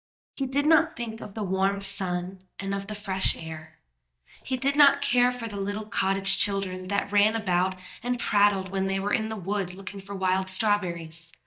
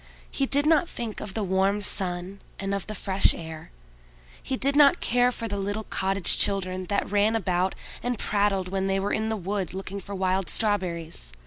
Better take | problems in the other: second | noise reduction (neural mask model DeepFilterNet 3)

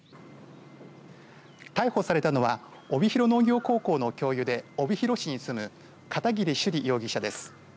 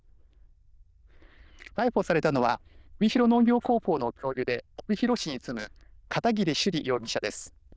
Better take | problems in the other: first | noise reduction (neural diffusion model UNIVERSE++)

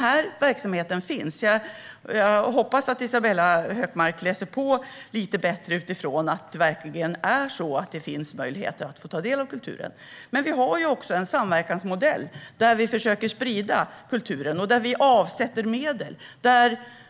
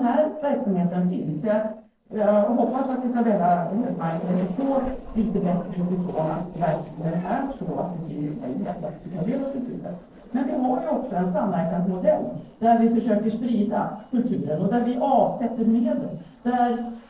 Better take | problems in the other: first | noise reduction (neural separator model SepFormer DNS4)

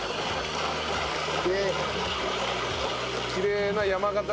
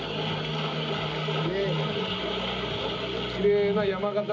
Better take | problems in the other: first | room echo; dies away in 0.4 s

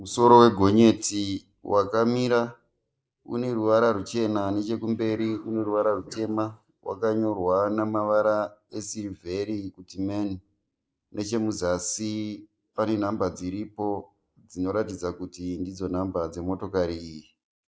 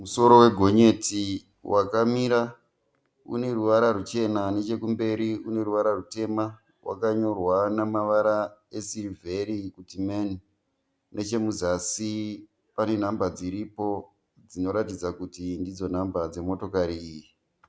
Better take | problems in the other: second | noise reduction (neural mask model Resemble Enhance denoiser)

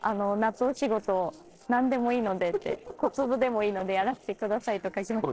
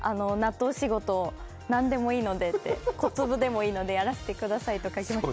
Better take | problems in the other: second | noise reduction (neural separator model SepFormer DNS4)

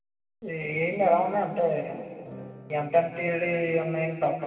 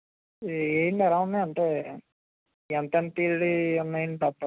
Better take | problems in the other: second | background sound (Acoustic guitar / Strum); 19 dB below the speech // room echo; dies away in 2.4 s

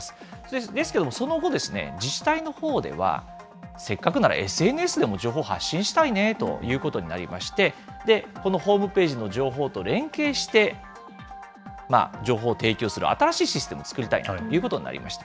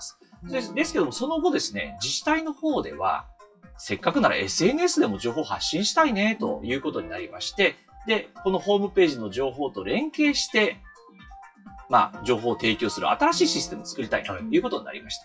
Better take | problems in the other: first | noise reduction (classical method WPE with log-MMSE)

